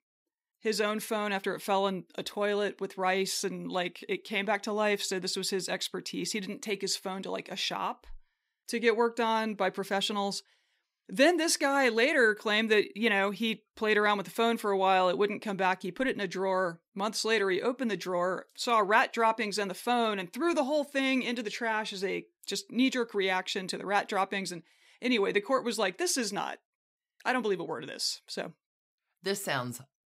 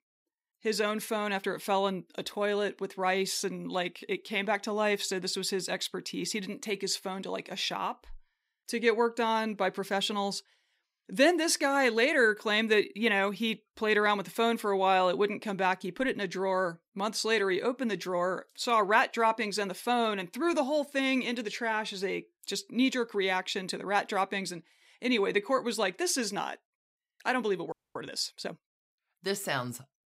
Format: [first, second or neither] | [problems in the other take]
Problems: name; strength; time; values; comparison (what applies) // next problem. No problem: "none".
first | audio freezing; at 28 s